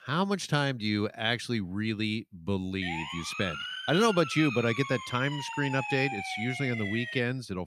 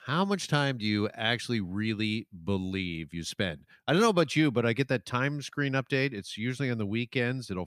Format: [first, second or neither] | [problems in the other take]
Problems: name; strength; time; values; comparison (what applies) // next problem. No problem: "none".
second | siren; noticeable; from 3 s on; peak 4 dB below the speech